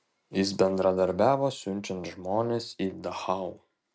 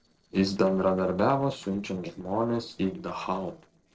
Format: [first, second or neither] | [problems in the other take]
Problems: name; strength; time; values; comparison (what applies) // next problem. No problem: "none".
first | noise reduction (neural separator model SepFormer DNS4)